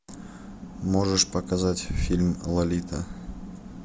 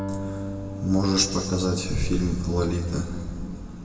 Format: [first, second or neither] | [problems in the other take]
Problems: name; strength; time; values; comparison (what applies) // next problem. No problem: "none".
first | background sound (Acoustic guitar); 10 dB below the speech // room echo; dies away in 2.2 s